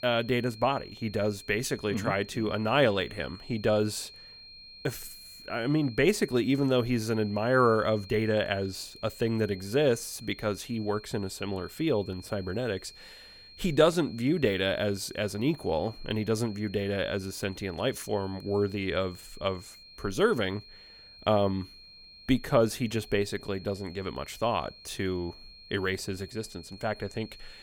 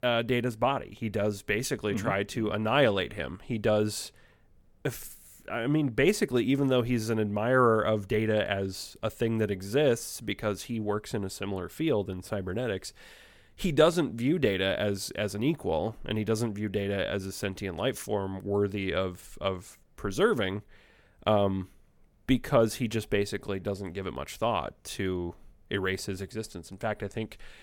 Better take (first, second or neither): second